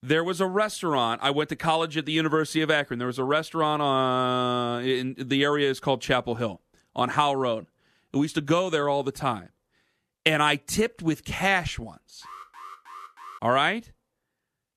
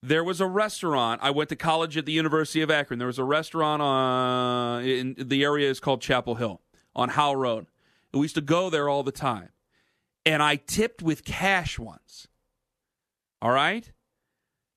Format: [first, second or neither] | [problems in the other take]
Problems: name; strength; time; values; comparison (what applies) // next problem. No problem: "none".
second | alarm; faint; from 12 to 13 s; peak 20 dB below the speech